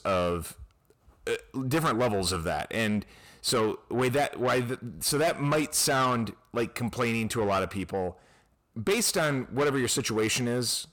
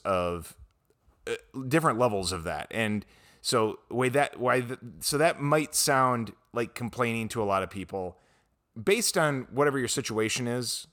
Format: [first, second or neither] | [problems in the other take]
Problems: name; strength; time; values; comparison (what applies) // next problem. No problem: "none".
second | distortion; heavy; 8 dB below the speech